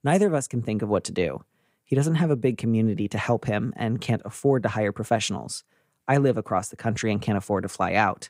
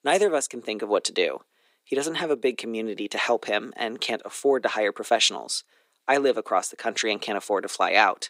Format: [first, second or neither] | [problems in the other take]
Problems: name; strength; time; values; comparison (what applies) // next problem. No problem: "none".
first | thin; somewhat; fading below 300 Hz